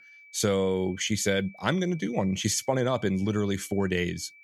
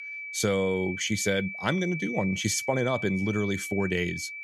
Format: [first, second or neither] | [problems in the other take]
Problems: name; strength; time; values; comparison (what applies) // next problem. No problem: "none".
first | high-pitched whine; loud; throughout; 2.5 kHz, 7 dB below the speech; faint in the first